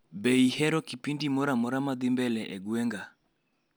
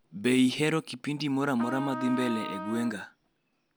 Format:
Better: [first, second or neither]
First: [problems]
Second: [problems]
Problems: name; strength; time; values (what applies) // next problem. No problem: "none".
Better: first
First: none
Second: background sound (Trumpet); 9 dB below the speech